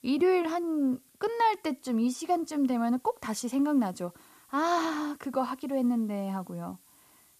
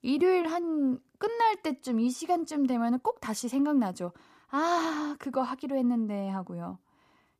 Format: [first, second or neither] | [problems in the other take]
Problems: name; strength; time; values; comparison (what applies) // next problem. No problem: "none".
second | hiss; faint; throughout; 30 dB below the speech